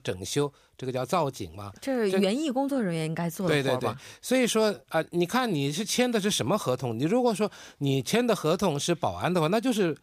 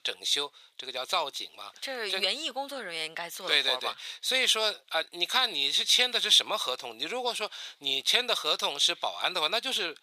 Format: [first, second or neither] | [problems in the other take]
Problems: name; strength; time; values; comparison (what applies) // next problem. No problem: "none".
first | thin; very; fading below 750 Hz